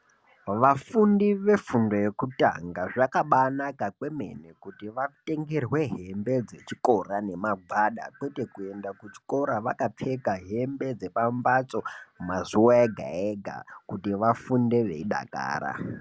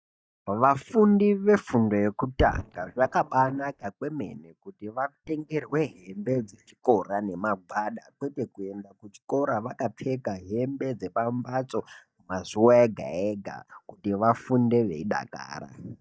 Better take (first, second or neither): first